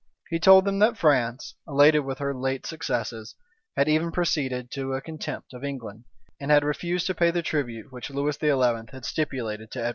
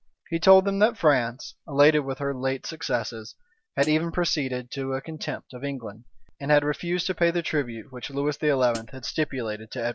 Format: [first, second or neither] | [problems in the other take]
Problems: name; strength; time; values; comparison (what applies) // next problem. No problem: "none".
first | background sound (Hi-hat); 15 dB below the speech